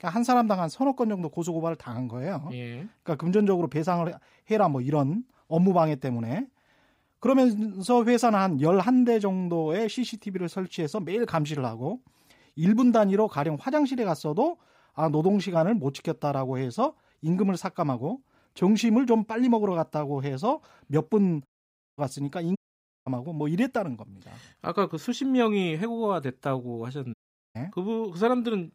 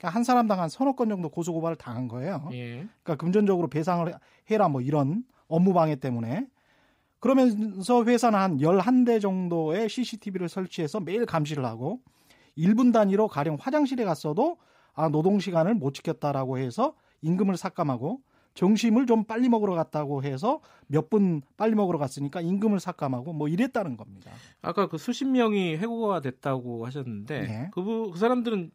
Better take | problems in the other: second | audio cutting out; at 21 s for 0.5 s, at 23 s for 0.5 s and at 27 s

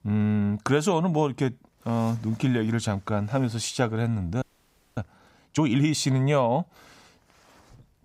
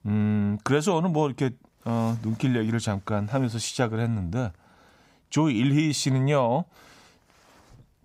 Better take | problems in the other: second | audio freezing; at 4.5 s for 0.5 s

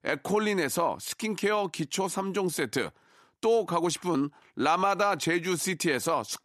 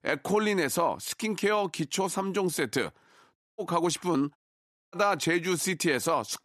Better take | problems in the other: first | audio cutting out; at 3.5 s and at 4.5 s for 0.5 s

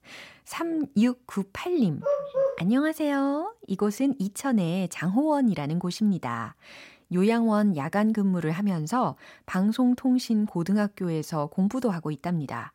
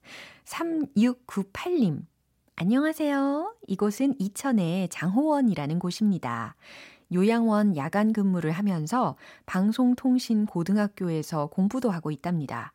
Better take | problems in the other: second | dog barking; loud; at 2 s; peak level with the speech

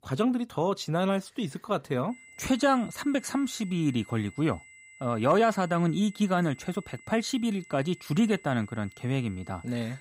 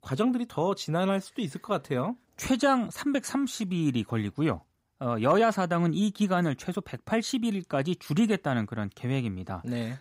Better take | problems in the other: second | high-pitched whine; faint; from 2 s on; 2 kHz, 20 dB below the speech

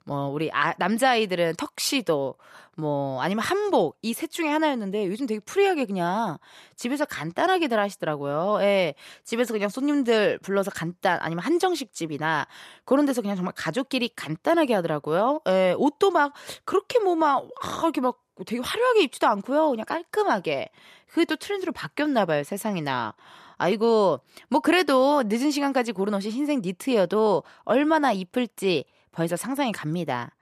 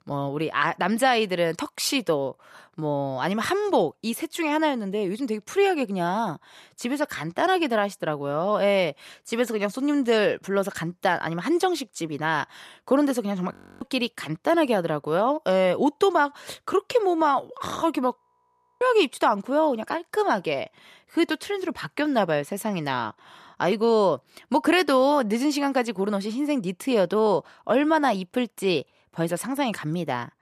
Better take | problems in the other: first | audio freezing; at 14 s and at 18 s for 0.5 s

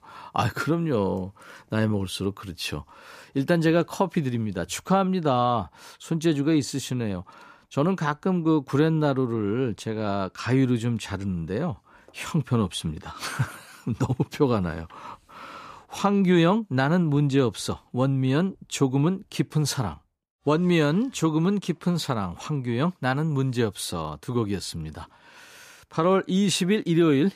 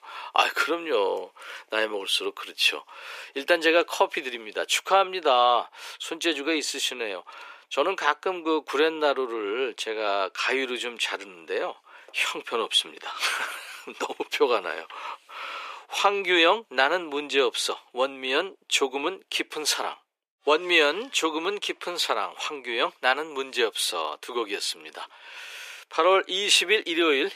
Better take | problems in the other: first | thin; very; fading below 400 Hz

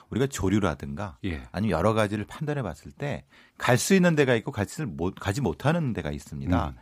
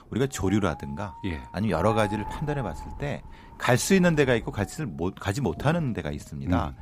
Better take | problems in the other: first | wind noise on the microphone; occasional gusts; 10 dB below the speech

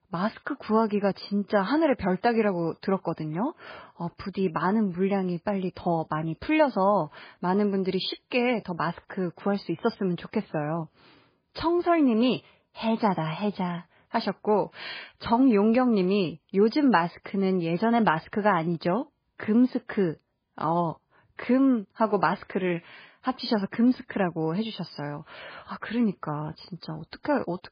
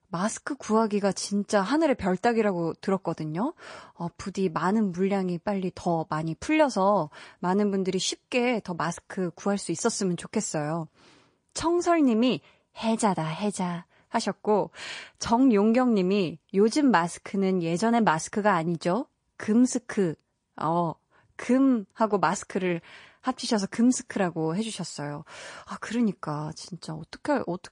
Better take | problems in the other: second | garbled, watery; badly; slightly in the second

